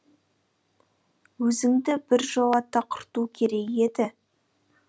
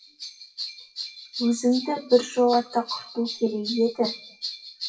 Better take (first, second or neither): first